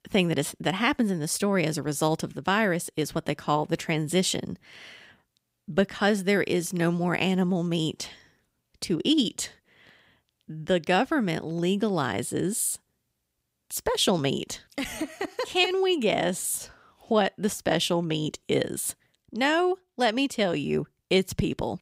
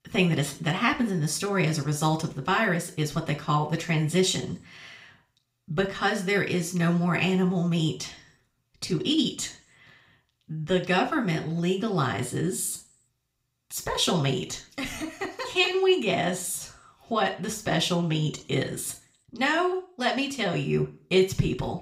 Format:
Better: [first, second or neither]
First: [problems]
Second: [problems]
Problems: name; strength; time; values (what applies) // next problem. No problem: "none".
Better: first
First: none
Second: room echo; very slight; dies away in 0.3 s // off-mic speech; somewhat distant